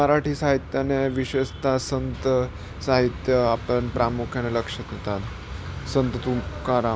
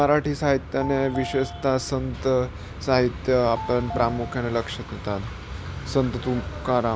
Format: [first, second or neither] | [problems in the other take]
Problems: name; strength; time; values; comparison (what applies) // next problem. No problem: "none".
first | background sound (Telephone); 16 dB below the speech